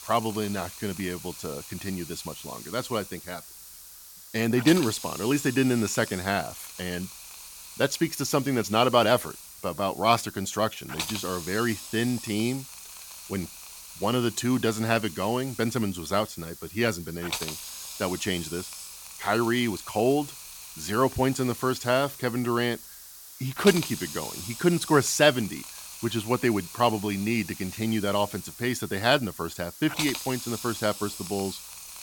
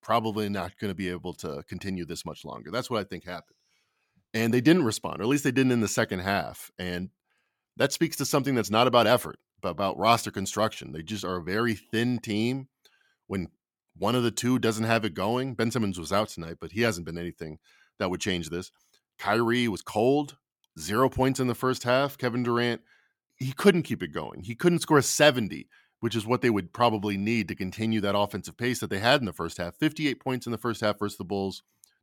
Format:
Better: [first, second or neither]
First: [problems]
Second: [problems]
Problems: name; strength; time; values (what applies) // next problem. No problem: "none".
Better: second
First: hiss; noticeable; throughout; 10 dB below the speech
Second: none